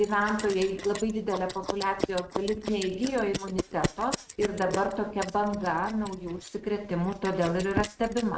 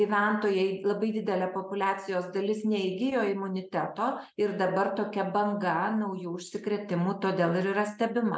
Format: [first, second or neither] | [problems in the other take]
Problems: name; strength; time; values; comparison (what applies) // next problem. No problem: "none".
second | noise reduction (neural mask model RNNoise)